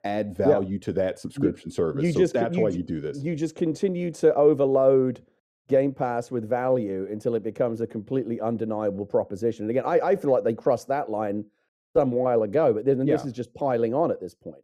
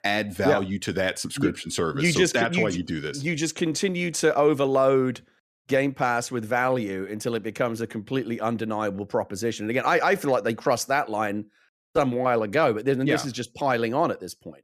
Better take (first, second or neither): second